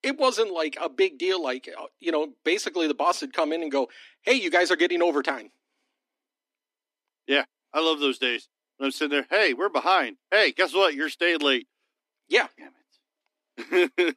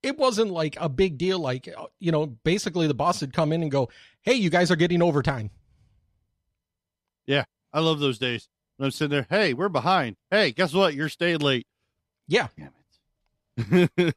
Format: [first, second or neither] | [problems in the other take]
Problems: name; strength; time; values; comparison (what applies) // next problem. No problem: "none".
second | thin; somewhat; fading below 250 Hz